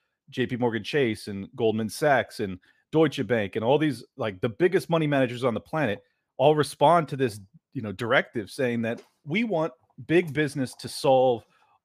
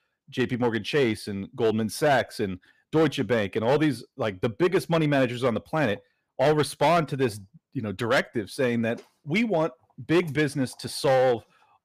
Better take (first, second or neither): first